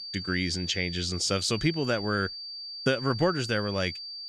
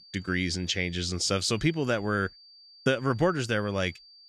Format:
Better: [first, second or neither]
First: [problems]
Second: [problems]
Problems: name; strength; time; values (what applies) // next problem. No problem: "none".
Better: second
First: high-pitched whine; loud; throughout; 4.5 kHz, 8 dB below the speech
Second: high-pitched whine; faint; throughout; 4.5 kHz, 25 dB below the speech